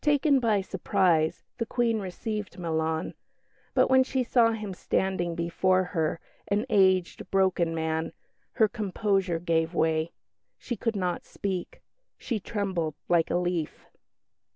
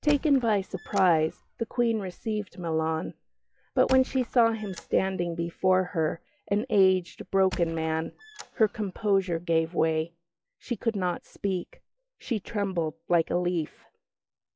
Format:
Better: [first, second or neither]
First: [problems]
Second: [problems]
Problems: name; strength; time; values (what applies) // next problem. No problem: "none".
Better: first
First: none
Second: noise reduction (classical method log-MMSE)